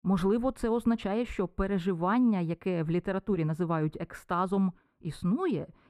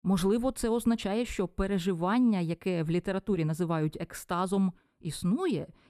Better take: second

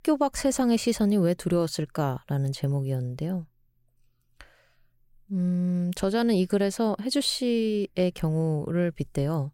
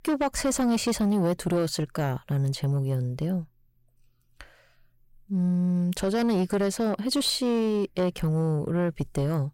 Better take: first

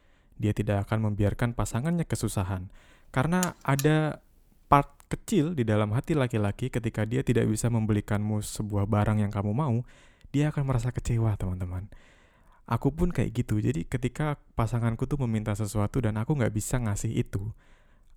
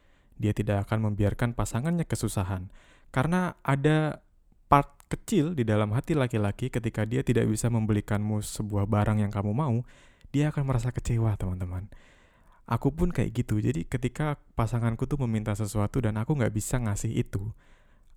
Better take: second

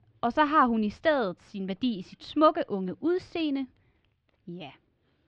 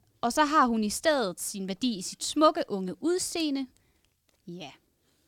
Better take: second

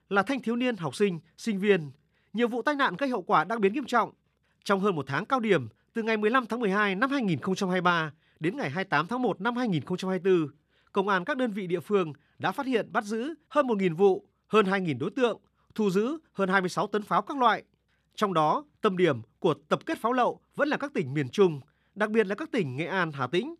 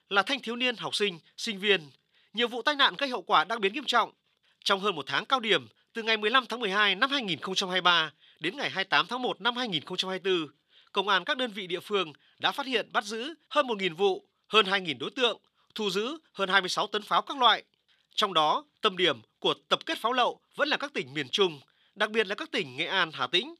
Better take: first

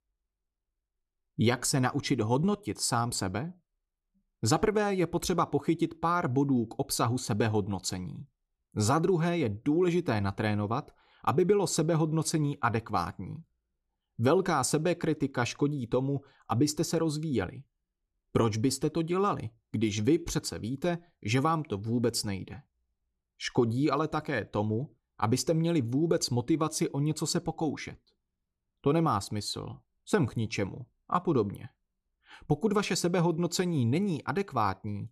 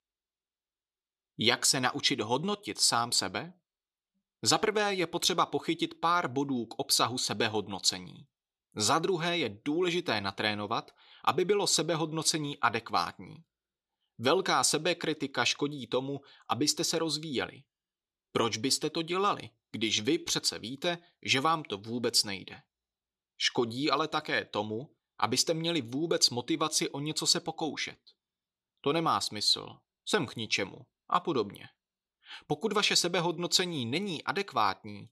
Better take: first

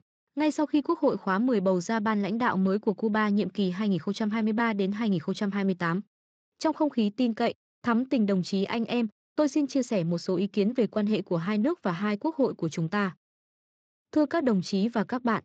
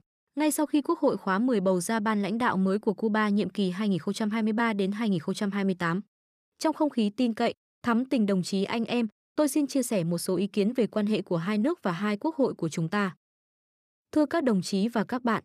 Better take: second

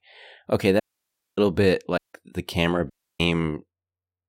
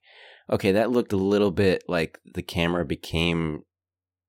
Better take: second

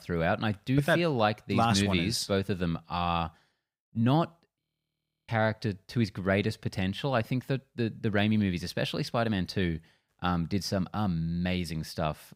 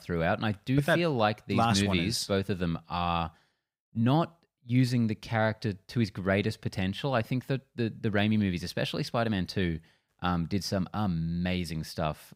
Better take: second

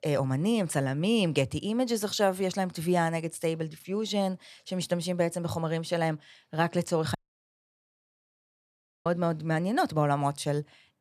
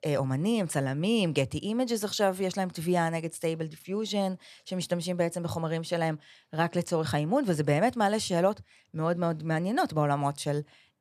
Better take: second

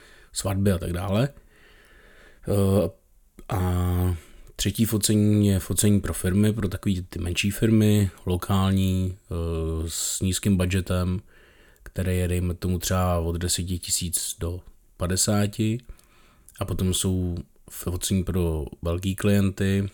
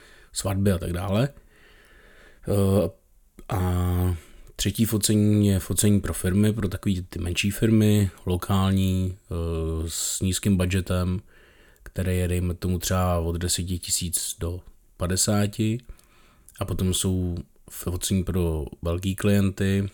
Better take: neither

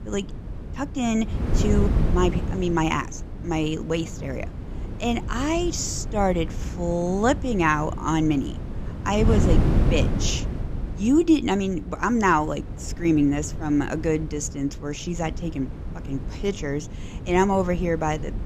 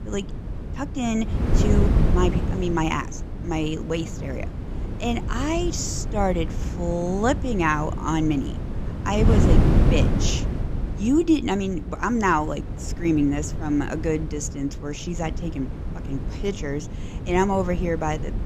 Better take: first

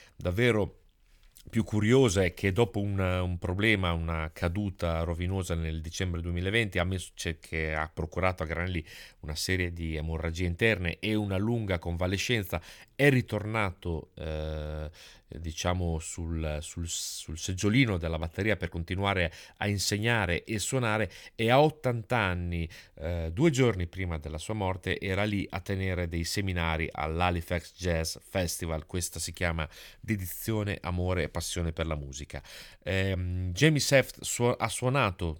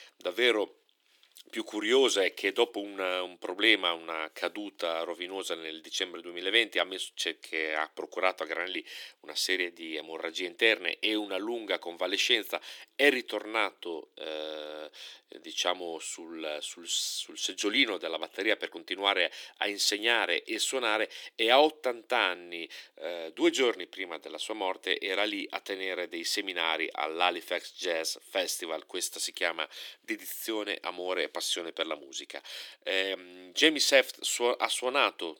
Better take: first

